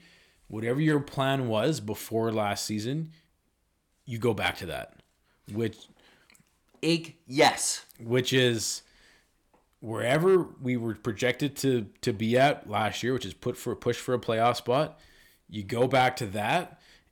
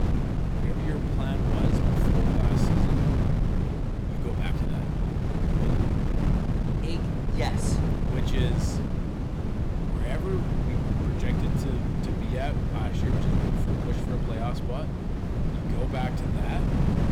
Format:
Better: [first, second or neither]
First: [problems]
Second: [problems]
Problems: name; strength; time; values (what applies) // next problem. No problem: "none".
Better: first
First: none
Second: wind noise on the microphone; heavy; 4 dB above the speech